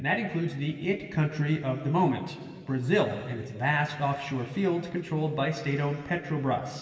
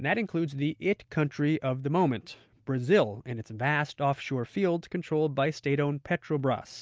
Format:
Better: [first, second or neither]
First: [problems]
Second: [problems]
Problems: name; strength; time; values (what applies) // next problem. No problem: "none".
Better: second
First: room echo; dies away in 2.6 s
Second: none